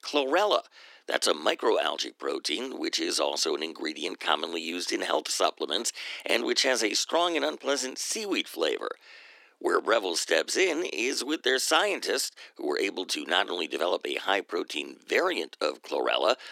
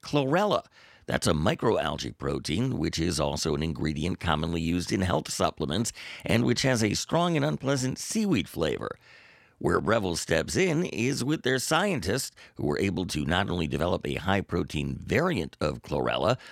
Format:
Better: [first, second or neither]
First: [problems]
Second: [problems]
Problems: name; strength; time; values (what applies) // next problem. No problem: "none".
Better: second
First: thin; somewhat; fading below 300 Hz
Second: none